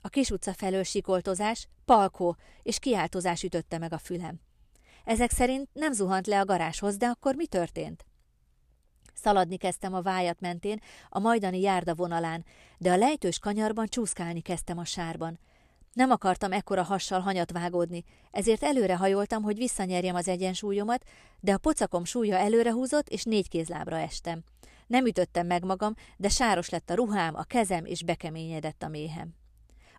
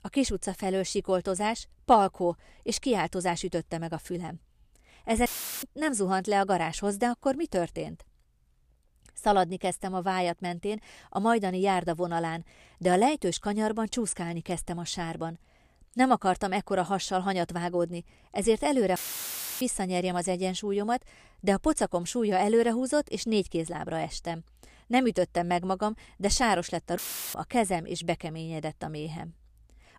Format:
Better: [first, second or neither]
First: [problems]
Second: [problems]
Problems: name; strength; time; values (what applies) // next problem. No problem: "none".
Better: first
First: none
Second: audio cutting out; filled with static; at 5.5 s, at 19 s for 0.5 s and at 27 s